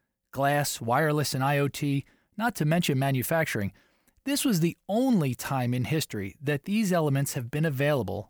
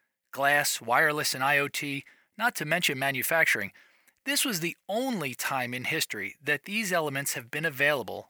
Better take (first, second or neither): first